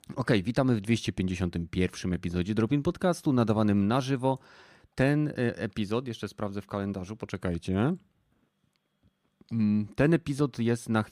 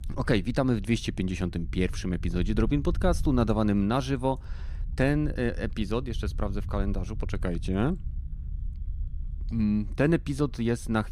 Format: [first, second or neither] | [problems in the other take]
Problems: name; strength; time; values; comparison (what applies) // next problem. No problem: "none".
first | low rumble; faint; throughout; 25 dB below the speech